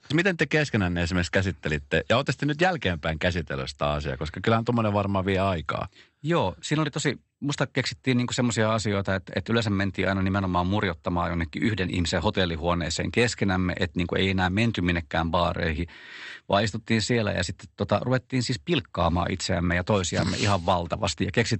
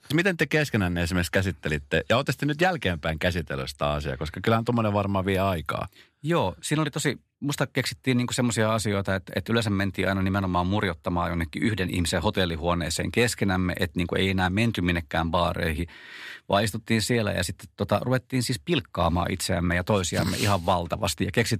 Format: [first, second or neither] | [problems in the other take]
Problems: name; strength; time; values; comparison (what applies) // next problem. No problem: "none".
second | garbled, watery; slightly; nothing above 8 kHz